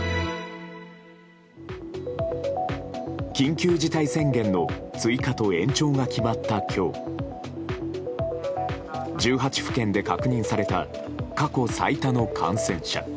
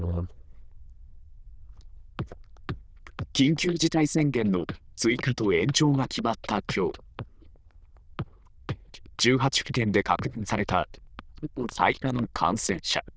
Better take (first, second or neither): first